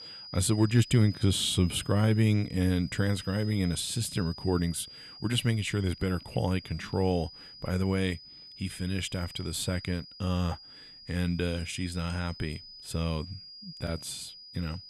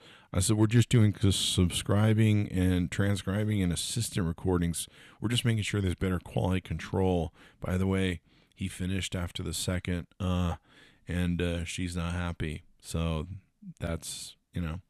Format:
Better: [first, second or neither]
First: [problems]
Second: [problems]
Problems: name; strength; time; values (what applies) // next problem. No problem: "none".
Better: second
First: high-pitched whine; noticeable; throughout; 5 kHz, 15 dB below the speech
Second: none